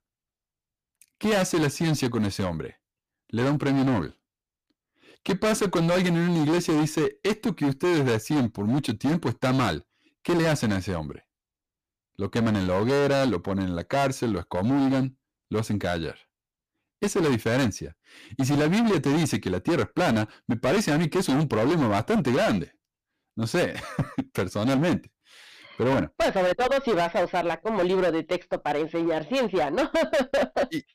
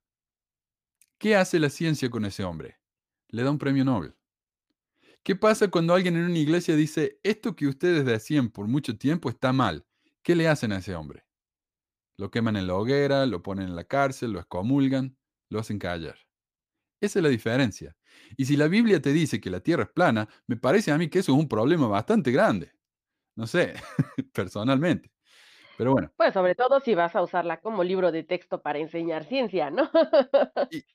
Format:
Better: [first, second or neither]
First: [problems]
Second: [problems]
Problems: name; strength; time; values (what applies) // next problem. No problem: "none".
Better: second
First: distortion; heavy; 19% of the sound clipped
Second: none